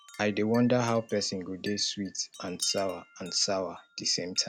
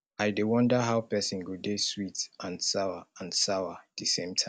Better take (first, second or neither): second